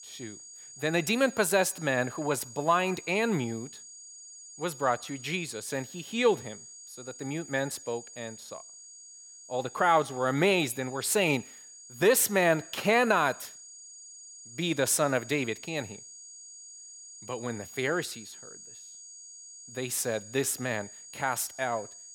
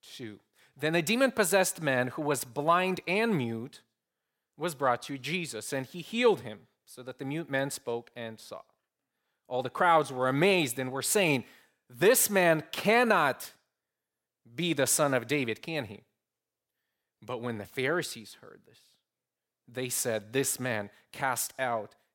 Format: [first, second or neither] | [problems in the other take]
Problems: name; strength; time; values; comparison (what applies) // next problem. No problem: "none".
second | high-pitched whine; noticeable; throughout; 6.5 kHz, 15 dB below the speech